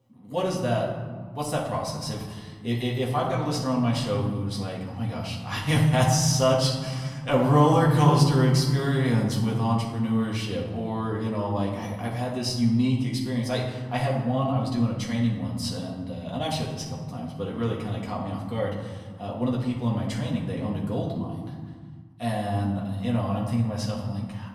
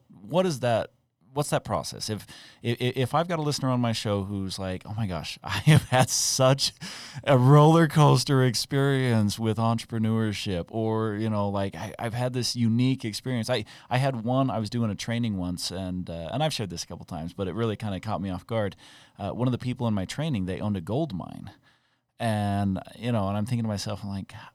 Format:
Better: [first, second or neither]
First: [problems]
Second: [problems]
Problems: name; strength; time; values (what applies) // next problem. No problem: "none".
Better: second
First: off-mic speech; far // room echo; noticeable; dies away in 1.7 s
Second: none